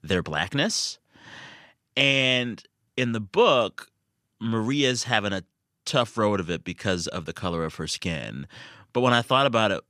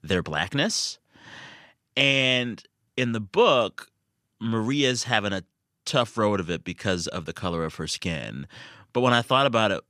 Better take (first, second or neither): neither